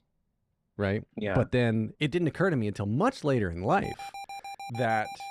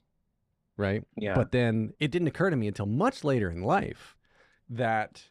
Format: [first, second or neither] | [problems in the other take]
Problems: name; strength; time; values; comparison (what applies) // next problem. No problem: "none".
second | alarm; faint; from 4 s on; peak 10 dB below the speech